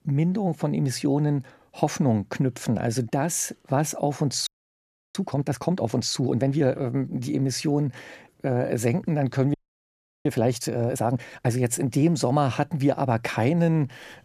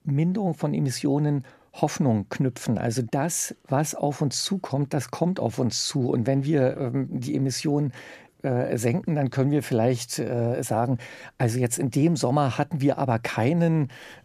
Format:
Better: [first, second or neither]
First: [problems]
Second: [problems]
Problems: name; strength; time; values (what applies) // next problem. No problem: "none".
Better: second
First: audio freezing; at 4.5 s for 0.5 s and at 9.5 s for 0.5 s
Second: none